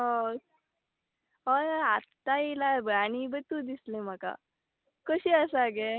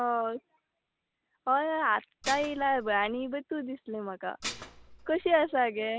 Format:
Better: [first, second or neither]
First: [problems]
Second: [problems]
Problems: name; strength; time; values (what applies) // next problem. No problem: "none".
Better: first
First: none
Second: background sound (Dishes, pots, and pans); 12 dB below the speech